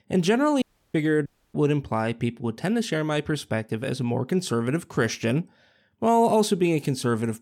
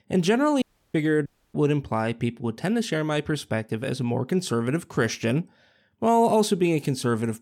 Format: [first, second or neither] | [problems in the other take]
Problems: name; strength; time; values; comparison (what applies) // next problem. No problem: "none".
neither | audio cutting out; at 0.5 s and at 1.5 s; the same in both